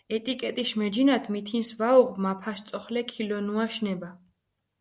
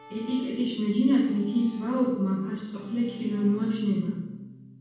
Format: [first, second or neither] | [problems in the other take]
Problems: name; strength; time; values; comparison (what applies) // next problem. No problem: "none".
first | background sound (Bowed string instrument); 16 dB below the speech // room echo; dies away in 1.2 s